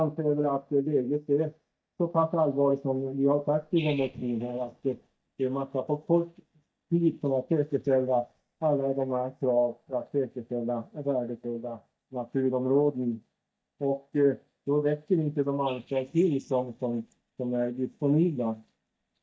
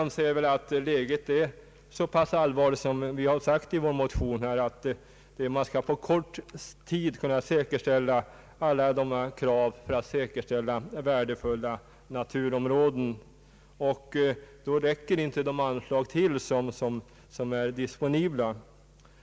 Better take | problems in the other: second | noise reduction (neural mask model DeepFilterNet 3)

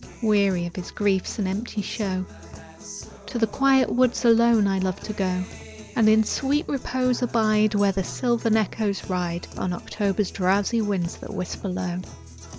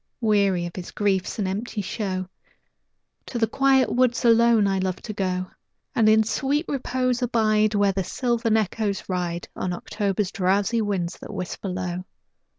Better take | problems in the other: second | background sound (Guitar); 16 dB below the speech

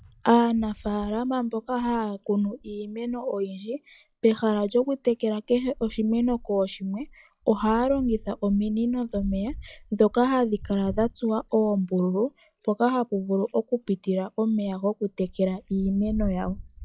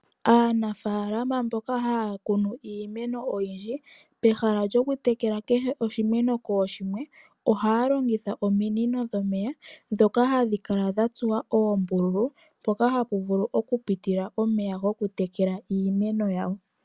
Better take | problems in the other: second | noise reduction (classical method log-MMSE)

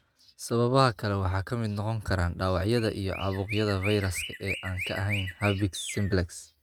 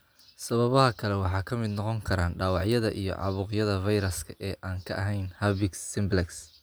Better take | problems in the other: second | noise reduction (neural mask model RNNoise)

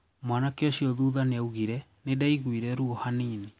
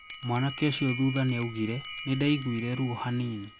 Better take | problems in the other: first | background sound (Bell); 12 dB below the speech

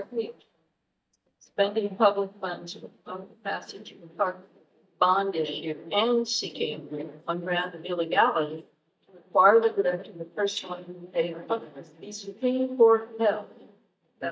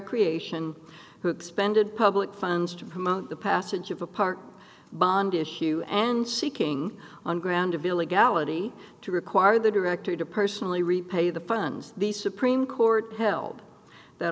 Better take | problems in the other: second | noise reduction (neural mask model DeepFilterNet 3)

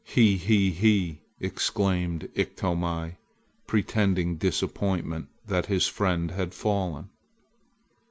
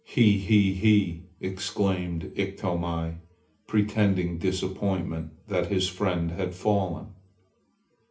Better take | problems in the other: first | room echo; dies away in 0.3 s

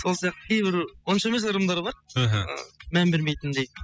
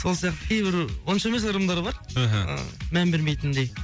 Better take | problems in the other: second | noise reduction (classical method spectral subtraction)

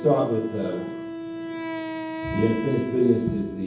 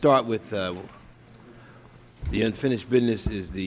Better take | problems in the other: second | background sound (Wind instrument, woodwind instrument); 8 dB below the speech // room echo; dies away in 0.9 s

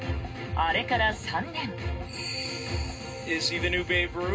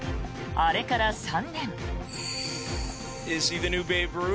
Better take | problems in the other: second | room echo; dies away in 0.2 s

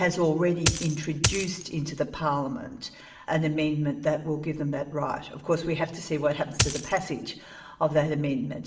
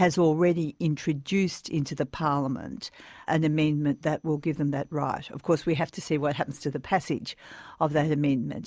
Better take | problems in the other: second | background sound (Coin (dropping)); as loud as the speech // room echo; dies away in 0.8 s

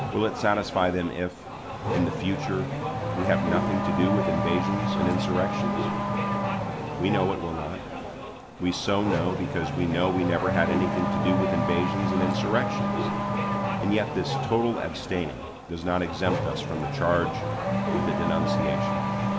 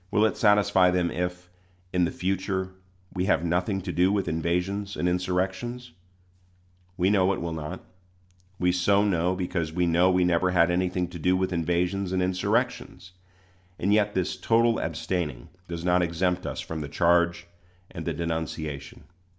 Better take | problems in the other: second | background sound (Race car, auto racing / Accelerating, revving, vroom); 1 dB above the speech

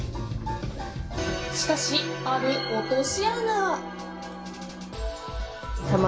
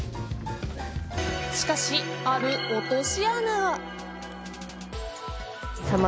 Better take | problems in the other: second | room echo; dies away in 0.3 s

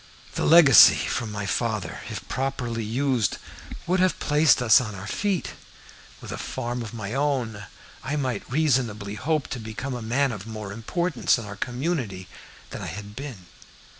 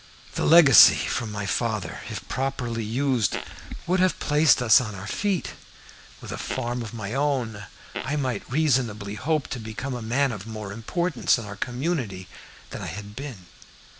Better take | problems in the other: first | background sound (Fart); 12 dB below the speech

